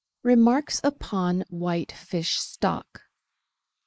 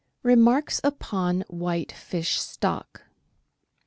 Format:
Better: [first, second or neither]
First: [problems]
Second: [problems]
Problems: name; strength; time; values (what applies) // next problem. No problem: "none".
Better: second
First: noise reduction (neural mask model Resemble Enhance denoiser)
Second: none